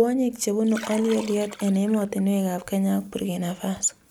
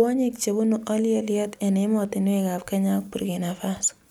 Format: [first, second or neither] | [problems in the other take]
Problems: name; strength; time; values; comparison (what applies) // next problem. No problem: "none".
second | background sound (Liquid); 17 dB below the speech